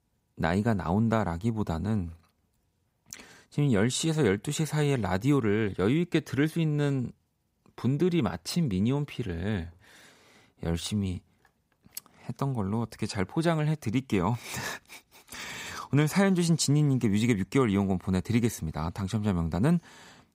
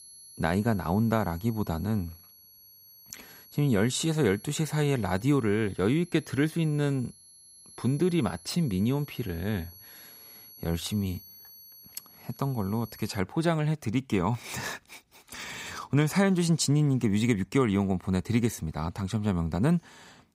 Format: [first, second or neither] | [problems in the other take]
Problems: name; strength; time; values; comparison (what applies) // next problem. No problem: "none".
first | high-pitched whine; faint; until 13 s; 11.5 kHz, 20 dB below the speech